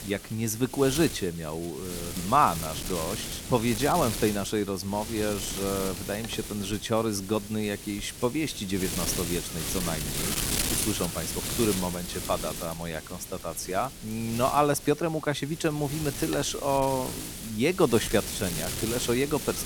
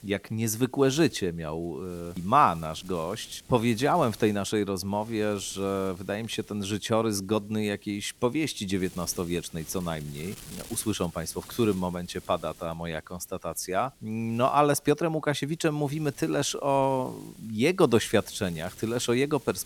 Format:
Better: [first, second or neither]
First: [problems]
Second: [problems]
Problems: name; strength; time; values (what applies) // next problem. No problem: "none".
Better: second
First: wind noise on the microphone; heavy; 7 dB below the speech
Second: wind noise on the microphone; occasional gusts; 25 dB below the speech